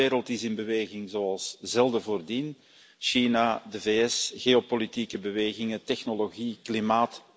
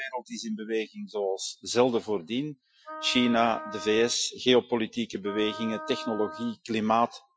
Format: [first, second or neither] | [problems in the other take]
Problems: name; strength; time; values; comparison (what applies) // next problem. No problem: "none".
first | noise reduction (classical method Wiener filter)